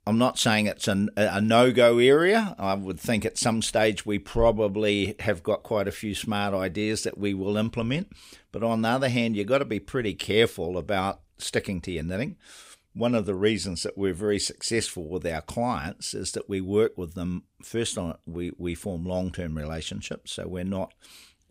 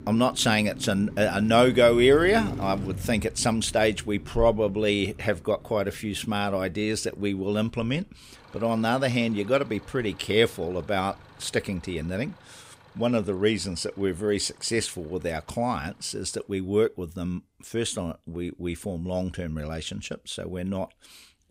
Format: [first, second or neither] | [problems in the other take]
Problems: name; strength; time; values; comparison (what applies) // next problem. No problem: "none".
first | traffic noise; noticeable; throughout; 15 dB below the speech